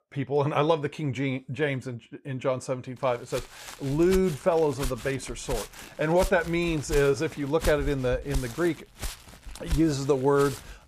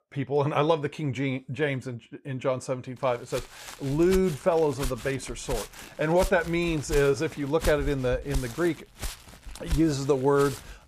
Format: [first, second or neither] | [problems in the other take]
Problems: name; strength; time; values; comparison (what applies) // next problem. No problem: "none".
neither | footsteps; noticeable; from 3.5 s on; peak 8 dB below the speech; the same in both